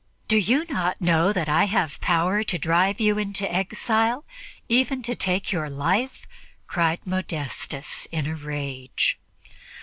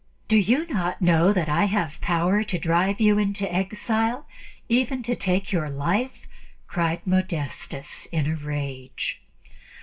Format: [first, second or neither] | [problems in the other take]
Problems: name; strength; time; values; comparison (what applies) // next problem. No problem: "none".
first | room echo; dies away in 0.2 s